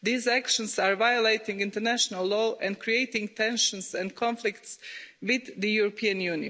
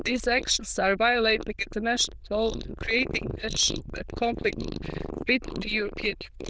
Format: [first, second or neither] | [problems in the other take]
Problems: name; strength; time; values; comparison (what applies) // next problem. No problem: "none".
first | noise reduction (neural diffusion model UNIVERSE++)